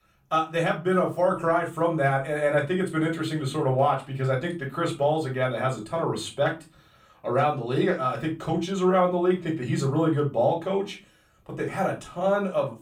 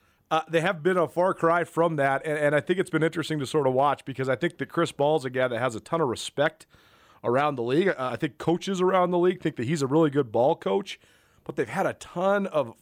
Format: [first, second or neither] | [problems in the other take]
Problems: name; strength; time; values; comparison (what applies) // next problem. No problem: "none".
second | off-mic speech; far // room echo; very slight; dies away in 0.3 s